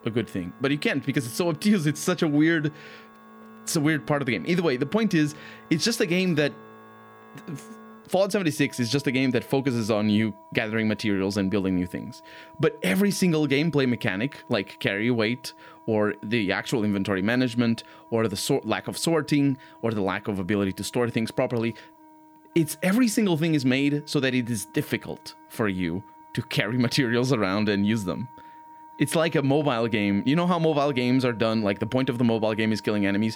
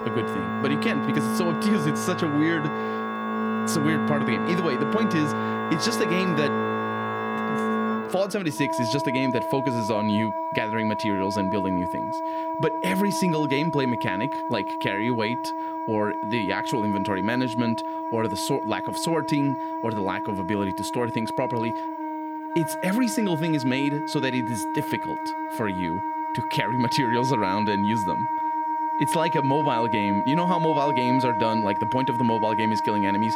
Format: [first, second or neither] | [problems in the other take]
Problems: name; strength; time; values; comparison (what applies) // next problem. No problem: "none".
first | background music; loud; throughout; 1 dB below the speech; faint in the first